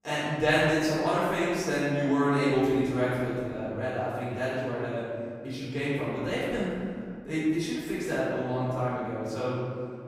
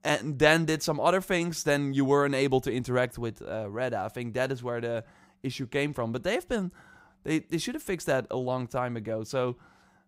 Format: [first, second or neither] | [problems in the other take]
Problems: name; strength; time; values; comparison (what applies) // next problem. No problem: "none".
second | off-mic speech; far // room echo; strong; dies away in 2.1 s